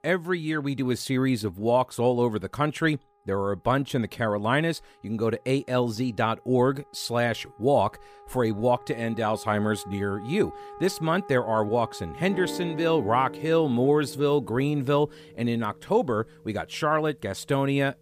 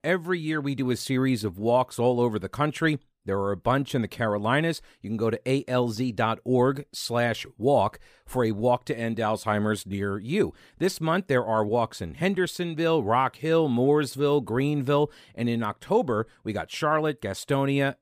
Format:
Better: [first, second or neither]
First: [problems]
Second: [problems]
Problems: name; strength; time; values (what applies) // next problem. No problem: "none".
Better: second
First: background music; noticeable; throughout; 15 dB below the speech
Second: none